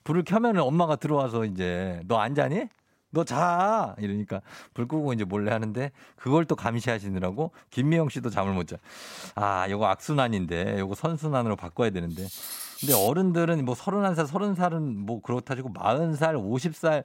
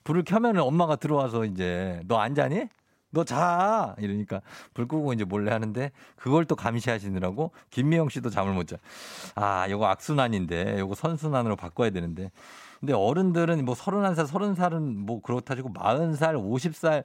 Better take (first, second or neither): second